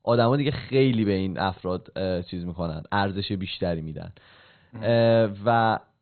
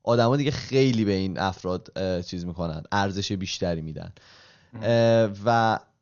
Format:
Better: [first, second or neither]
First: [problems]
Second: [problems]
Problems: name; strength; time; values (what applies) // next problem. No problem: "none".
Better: second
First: garbled, watery; badly; nothing above 4 kHz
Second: garbled, watery; slightly; nothing above 6.5 kHz